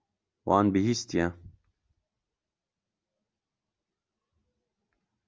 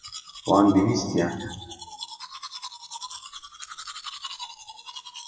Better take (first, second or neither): first